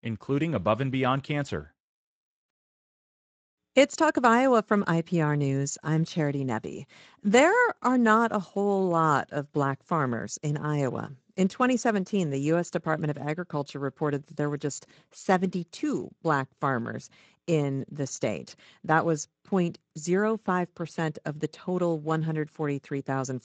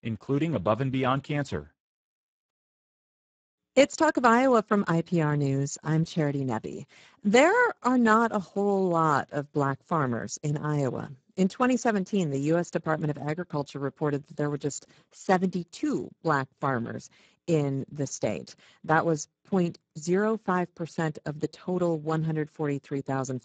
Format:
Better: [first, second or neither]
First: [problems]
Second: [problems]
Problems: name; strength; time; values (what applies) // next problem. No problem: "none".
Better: first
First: garbled, watery; slightly; nothing above 7.5 kHz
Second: garbled, watery; badly; nothing above 7.5 kHz